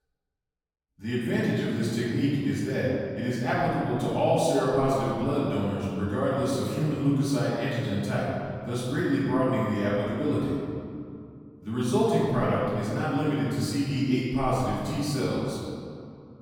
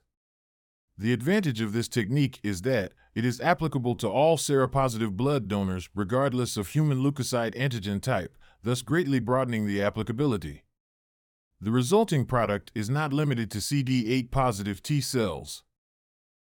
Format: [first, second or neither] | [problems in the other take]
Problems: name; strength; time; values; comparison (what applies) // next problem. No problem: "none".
second | off-mic speech; far // room echo; strong; dies away in 2.1 s